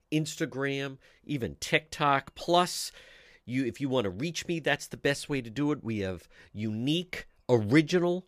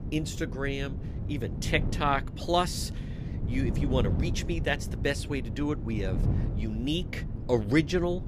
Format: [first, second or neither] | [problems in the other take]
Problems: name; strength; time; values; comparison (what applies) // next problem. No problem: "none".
first | wind noise on the microphone; occasional gusts; 10 dB below the speech